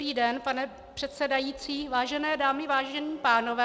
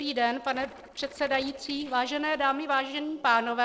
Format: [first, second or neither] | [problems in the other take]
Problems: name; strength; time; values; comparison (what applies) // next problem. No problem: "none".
first | noise reduction (neural separator model SepFormer DNS4)